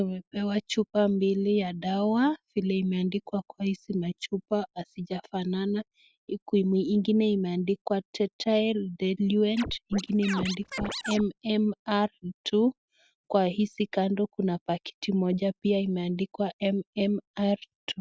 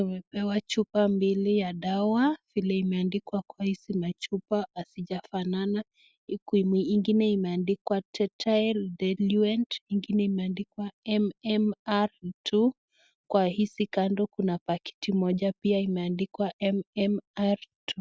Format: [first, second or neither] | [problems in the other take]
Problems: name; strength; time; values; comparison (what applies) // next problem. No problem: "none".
second | background sound (Scratching (performance technique)); 9 dB below the speech